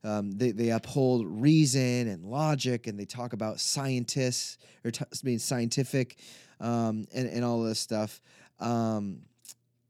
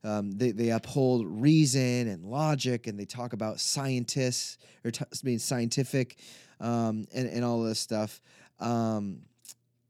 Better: neither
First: none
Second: none

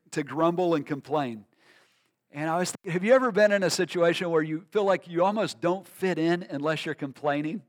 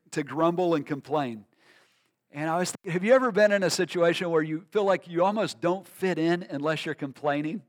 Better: neither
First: none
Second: none

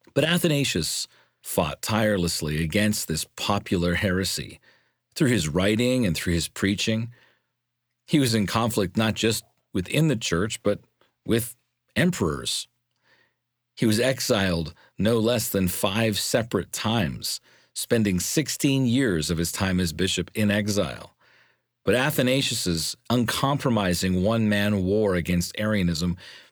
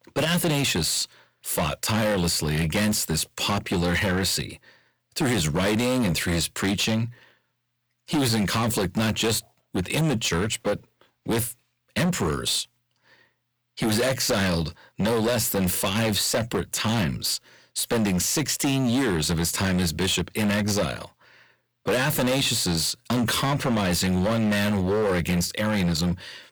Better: first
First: none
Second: distortion; heavy; 18% of the sound clipped

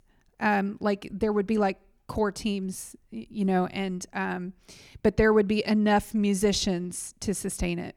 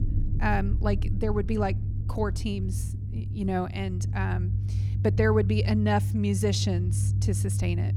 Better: first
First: none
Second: low rumble; noticeable; throughout; 10 dB below the speech

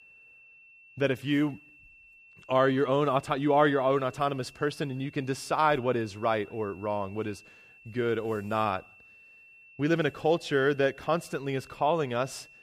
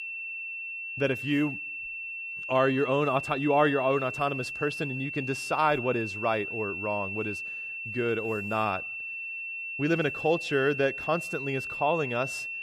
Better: first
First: high-pitched whine; faint; throughout; 2.5 kHz, 25 dB below the speech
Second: high-pitched whine; loud; throughout; 2.5 kHz, 5 dB below the speech

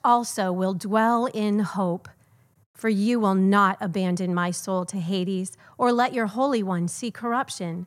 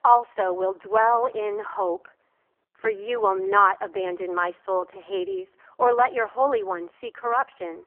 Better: first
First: none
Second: phone-call audio; poor line; nothing above 3 kHz

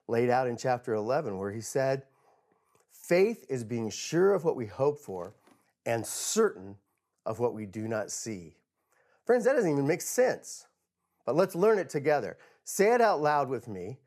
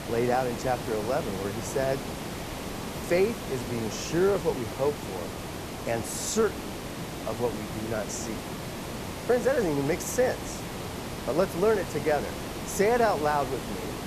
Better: first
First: none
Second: hiss; loud; throughout; 7 dB below the speech

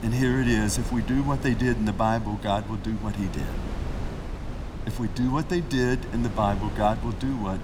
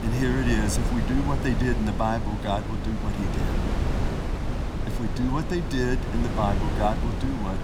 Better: first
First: wind noise on the microphone; occasional gusts; 10 dB below the speech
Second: wind noise on the microphone; heavy; 5 dB below the speech

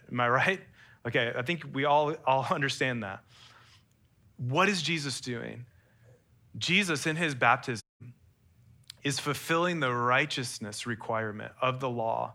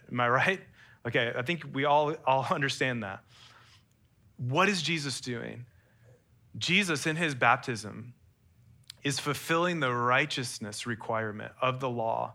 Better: second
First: audio cutting out; at 8 s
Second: none

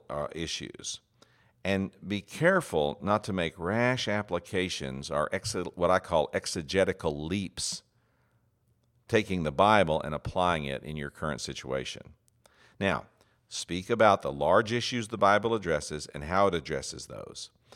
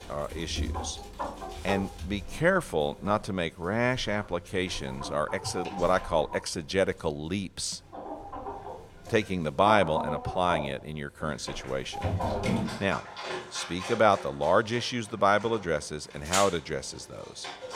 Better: first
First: none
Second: animal sounds; loud; throughout; 8 dB below the speech

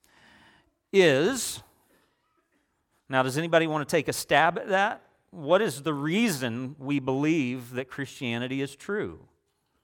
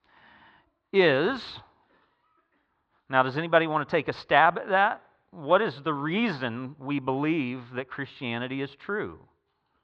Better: first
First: none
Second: muffled; slightly; fading above 4 kHz

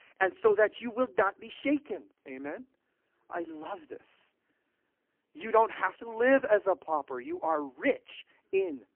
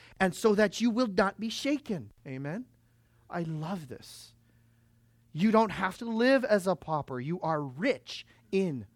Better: second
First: phone-call audio; poor line; nothing above 3 kHz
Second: none

